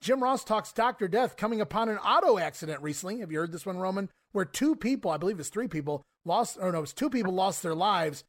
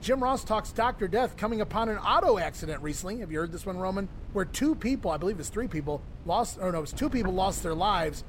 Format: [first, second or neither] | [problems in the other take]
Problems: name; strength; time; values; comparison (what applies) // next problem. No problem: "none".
first | wind noise on the microphone; occasional gusts; 25 dB below the speech